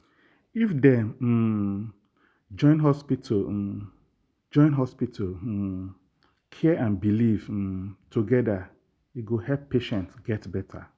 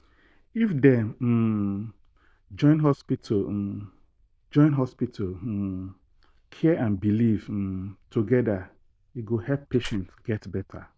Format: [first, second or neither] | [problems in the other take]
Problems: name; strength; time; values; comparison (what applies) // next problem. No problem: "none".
first | noise reduction (neural diffusion model UNIVERSE++)